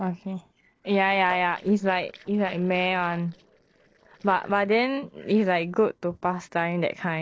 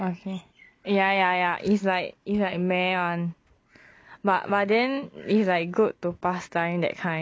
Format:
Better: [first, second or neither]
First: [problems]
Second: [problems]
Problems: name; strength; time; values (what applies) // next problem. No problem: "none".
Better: second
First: noise reduction (neural separator model SepFormer DNS4)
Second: none